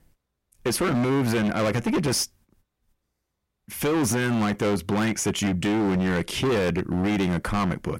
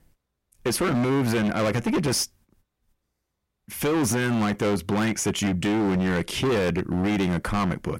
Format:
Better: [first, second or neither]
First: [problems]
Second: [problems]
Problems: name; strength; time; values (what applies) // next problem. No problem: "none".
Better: neither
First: distortion; heavy; 23% of the sound clipped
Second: distortion; heavy; 23% of the sound clipped